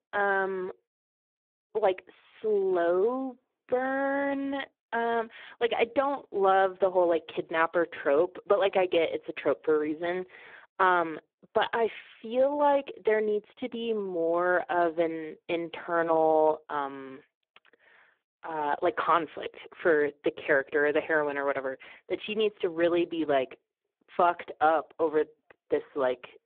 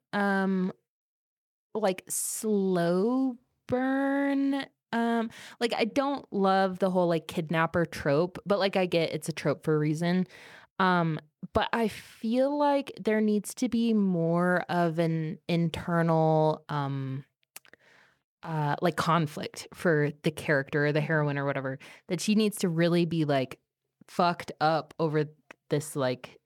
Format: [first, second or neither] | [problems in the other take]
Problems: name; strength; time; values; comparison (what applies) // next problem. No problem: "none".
second | phone-call audio; poor line